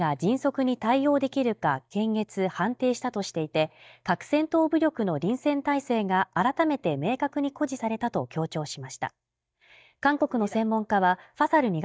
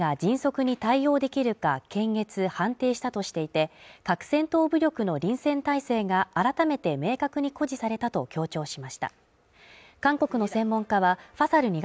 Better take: second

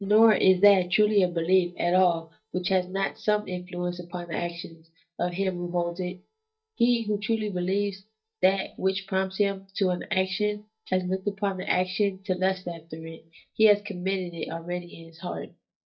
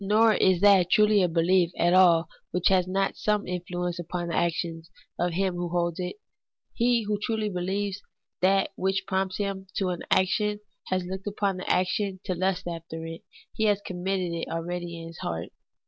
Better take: second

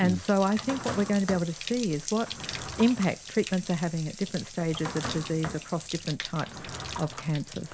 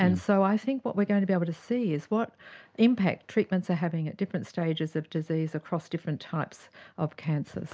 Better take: second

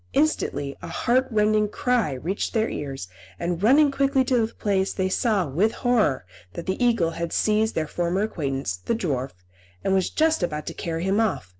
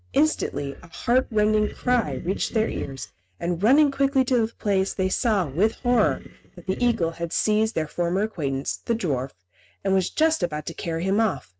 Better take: first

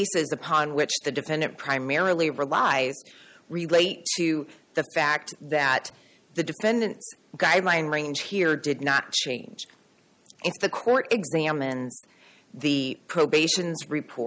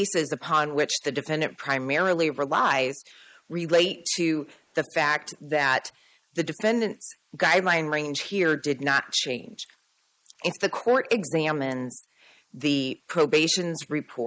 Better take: first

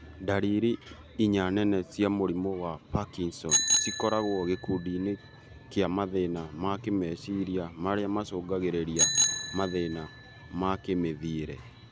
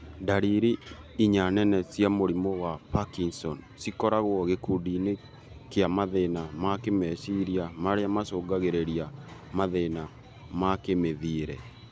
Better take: second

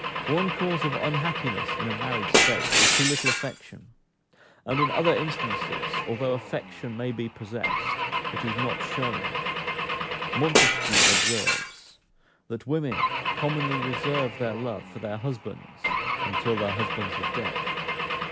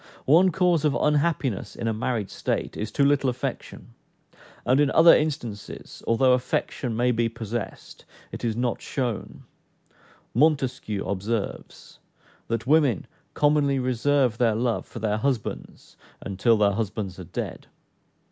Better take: second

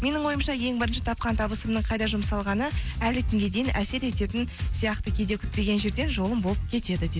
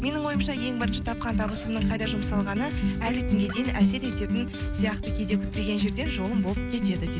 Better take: first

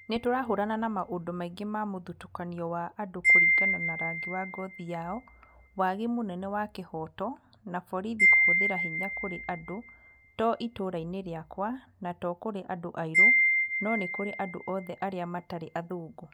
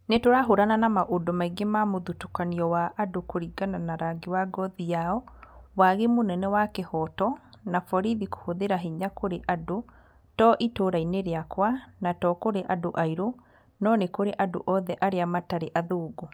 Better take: second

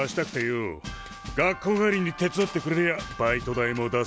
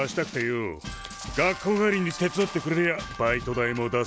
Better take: first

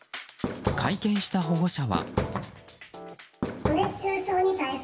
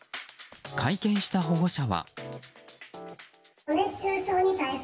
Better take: second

